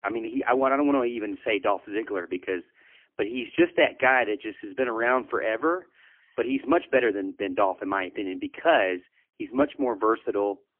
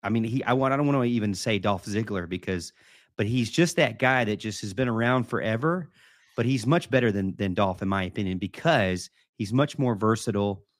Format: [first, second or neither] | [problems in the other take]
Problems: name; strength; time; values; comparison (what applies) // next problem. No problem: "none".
second | phone-call audio; poor line; nothing above 3 kHz